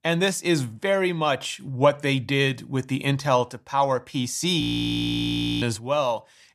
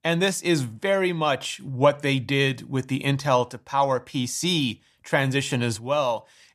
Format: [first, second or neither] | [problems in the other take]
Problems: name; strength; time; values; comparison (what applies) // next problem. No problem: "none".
second | audio freezing; at 4.5 s for 1 s